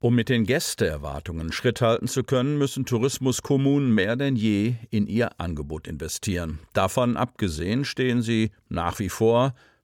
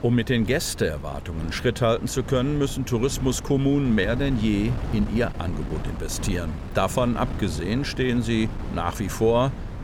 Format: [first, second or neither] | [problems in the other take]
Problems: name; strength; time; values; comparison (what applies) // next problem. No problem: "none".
first | wind noise on the microphone; occasional gusts; 15 dB below the speech